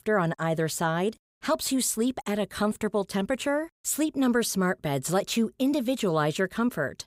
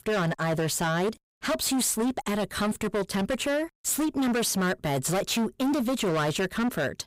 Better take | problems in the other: first | distortion; heavy; 24% of the sound clipped

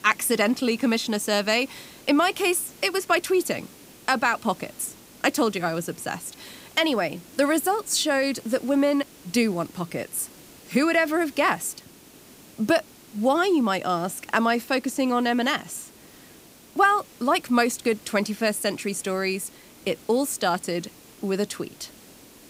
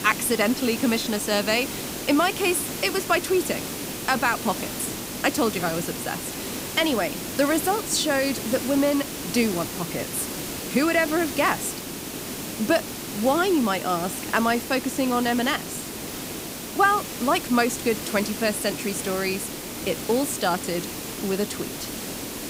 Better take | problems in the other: first | hiss; loud; throughout; 7 dB below the speech; faint in the first

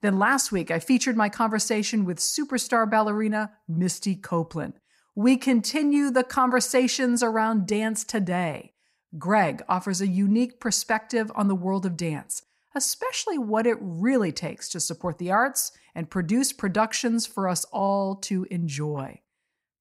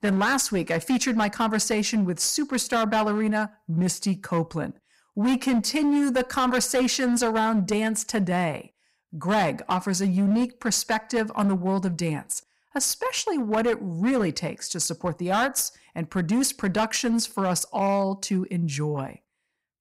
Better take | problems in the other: first | distortion; slight; 11% of the sound clipped

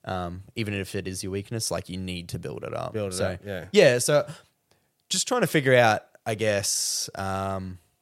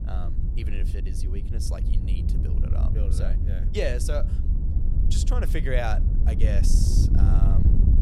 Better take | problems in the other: first | wind noise on the microphone; heavy; 6 dB below the speech

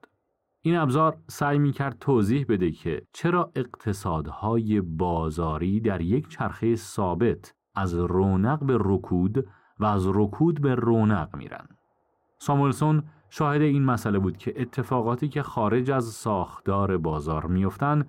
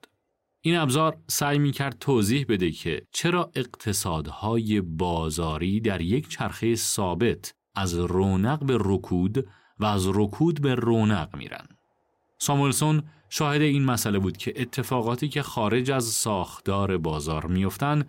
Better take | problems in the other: second | muffled; very; fading above 2 kHz

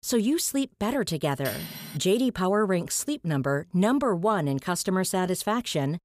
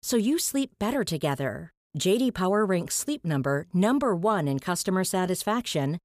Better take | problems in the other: second | clattering dishes; noticeable; at 1.5 s; peak 9 dB below the speech

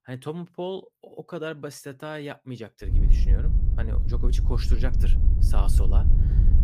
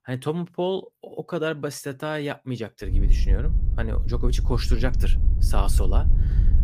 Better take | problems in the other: second | wind noise on the microphone; heavy; from 3 s on; 5 dB below the speech; occasional gusts in the second

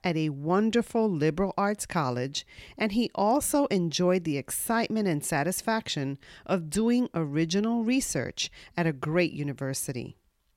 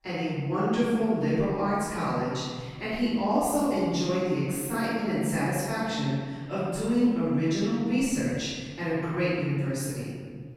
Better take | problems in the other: first | room echo; strong; dies away in 1.6 s // off-mic speech; far

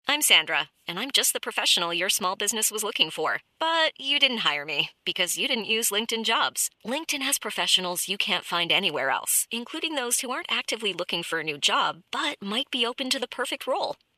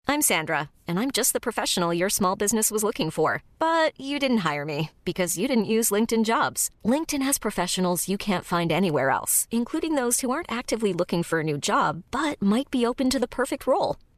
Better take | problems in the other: second | thin; somewhat; fading below 700 Hz

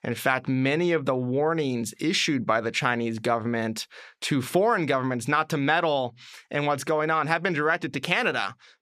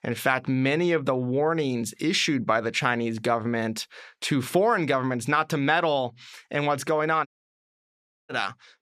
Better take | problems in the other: first | audio cutting out; at 7.5 s for 1 s

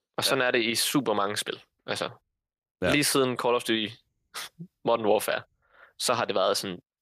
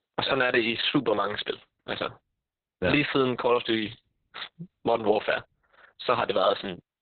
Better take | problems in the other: first | garbled, watery; badly; nothing above 4 kHz

